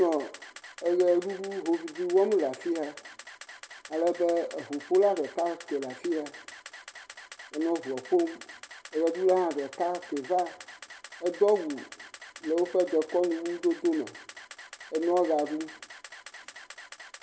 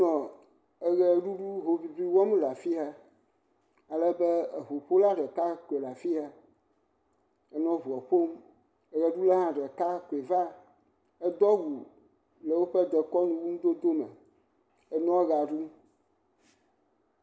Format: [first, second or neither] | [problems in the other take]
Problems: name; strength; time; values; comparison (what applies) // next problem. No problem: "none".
second | background sound (Camera); 17 dB below the speech